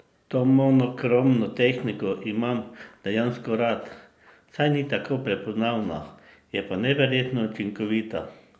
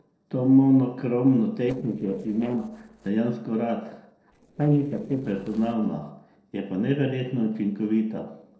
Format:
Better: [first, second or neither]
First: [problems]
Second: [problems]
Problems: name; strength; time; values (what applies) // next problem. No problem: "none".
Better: first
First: none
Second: noise reduction (neural separator model SepFormer DNS4)